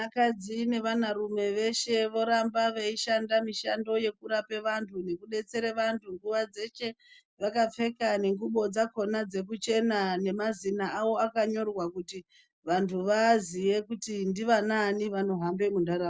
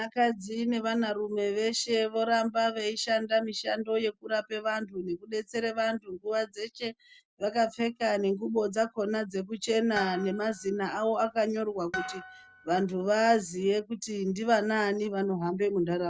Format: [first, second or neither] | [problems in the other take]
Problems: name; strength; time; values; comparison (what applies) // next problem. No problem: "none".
first | background sound (Harp); 13 dB below the speech